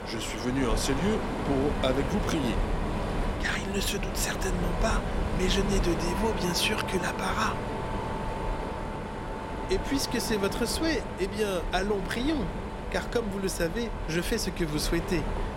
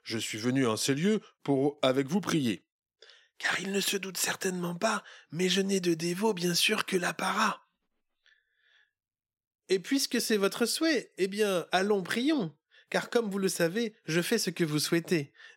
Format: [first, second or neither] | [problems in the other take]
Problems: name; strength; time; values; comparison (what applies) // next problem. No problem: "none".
second | machinery noise; loud; throughout; 3 dB below the speech